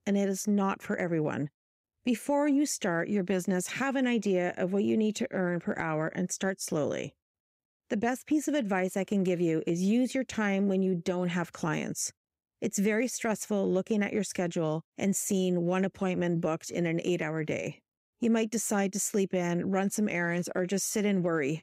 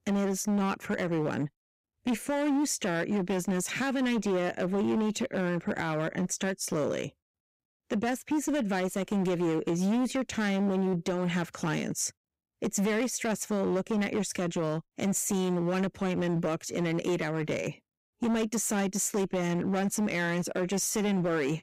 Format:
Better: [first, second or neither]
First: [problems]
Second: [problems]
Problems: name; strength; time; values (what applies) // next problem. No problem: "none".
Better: first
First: none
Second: distortion; slight; 16% of the sound clipped